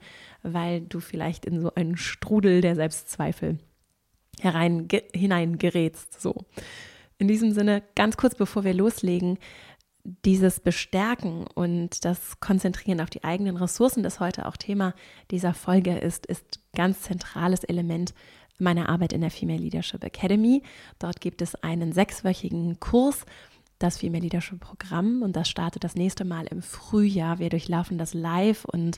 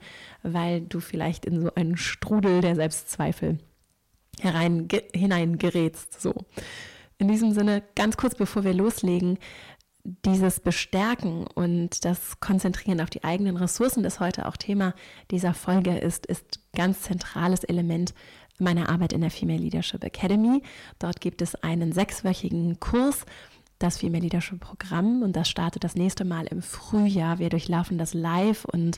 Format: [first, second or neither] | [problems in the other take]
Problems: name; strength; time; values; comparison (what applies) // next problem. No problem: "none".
first | distortion; slight; 10 dB below the speech